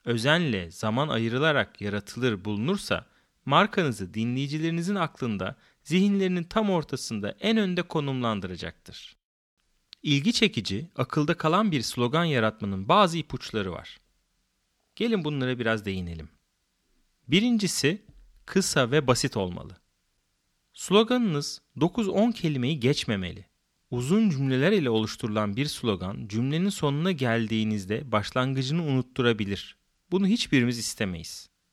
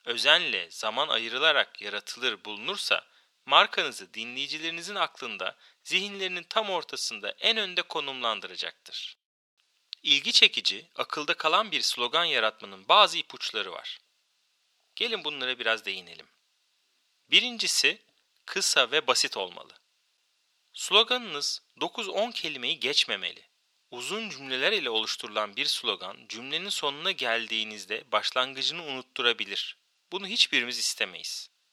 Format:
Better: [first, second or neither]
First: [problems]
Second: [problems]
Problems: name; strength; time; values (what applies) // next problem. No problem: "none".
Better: first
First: none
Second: thin; very; fading below 700 Hz